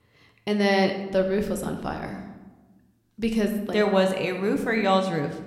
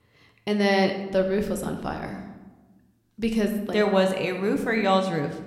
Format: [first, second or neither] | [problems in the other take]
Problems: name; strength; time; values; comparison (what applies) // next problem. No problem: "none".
neither | room echo; slight; dies away in 0.8 s; the same in both